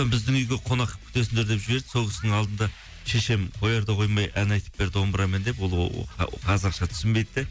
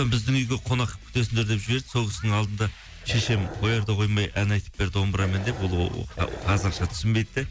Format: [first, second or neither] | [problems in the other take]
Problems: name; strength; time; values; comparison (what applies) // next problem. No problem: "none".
first | background sound (Dog); 13 dB below the speech